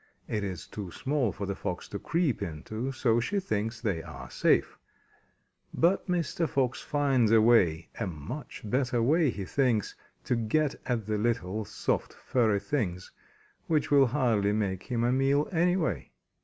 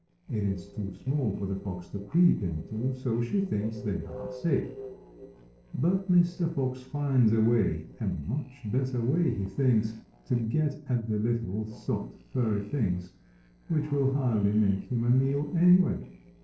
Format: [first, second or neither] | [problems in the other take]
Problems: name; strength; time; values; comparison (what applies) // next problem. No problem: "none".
first | noise reduction (neural separator model SepFormer DNS4)